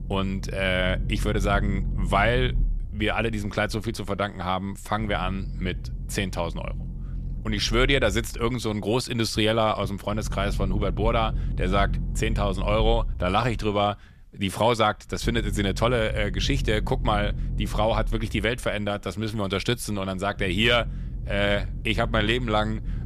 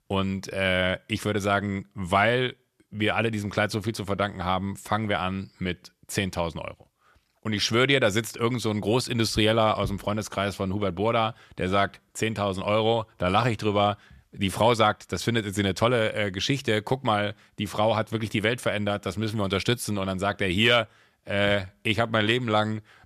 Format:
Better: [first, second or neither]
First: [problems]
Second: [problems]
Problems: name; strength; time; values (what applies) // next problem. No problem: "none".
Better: second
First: low rumble; faint; throughout; 20 dB below the speech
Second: none